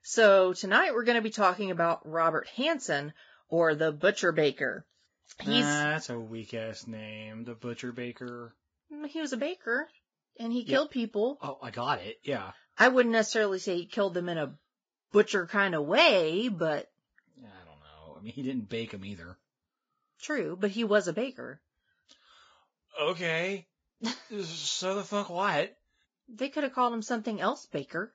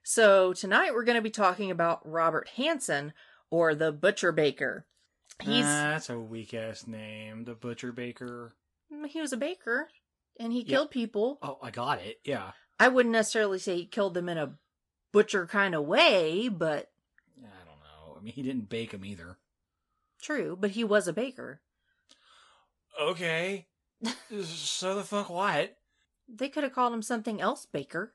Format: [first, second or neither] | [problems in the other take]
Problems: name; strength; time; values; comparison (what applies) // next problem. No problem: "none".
second | garbled, watery; badly; nothing above 7.5 kHz; slightly in the second